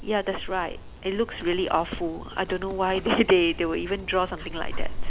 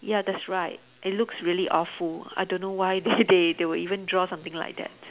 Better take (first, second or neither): second